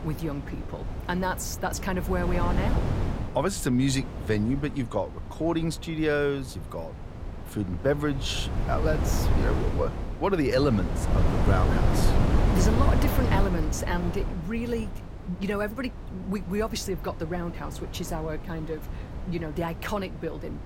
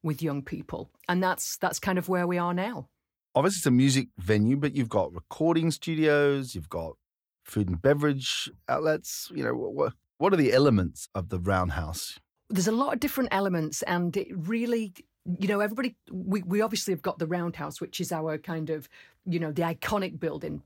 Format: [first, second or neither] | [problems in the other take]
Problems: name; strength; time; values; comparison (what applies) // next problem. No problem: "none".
second | wind noise on the microphone; heavy; 5 dB below the speech